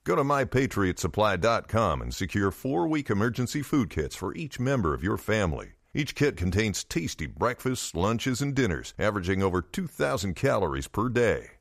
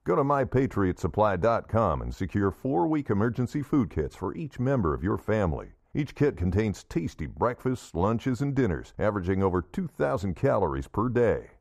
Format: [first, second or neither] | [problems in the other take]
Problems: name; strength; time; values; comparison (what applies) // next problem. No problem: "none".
first | muffled; slightly; fading above 2 kHz